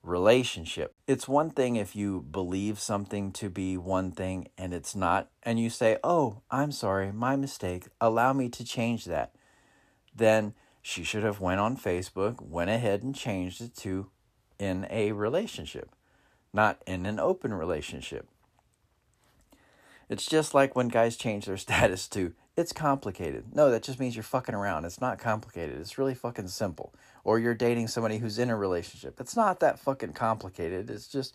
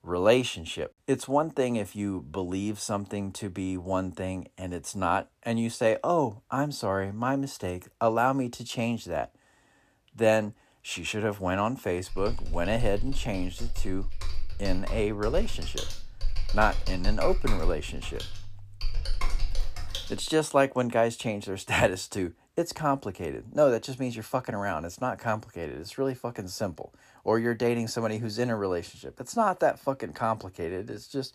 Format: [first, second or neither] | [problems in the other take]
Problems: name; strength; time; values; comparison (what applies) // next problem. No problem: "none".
first | keyboard typing; noticeable; from 12 to 20 s; peak 4 dB below the speech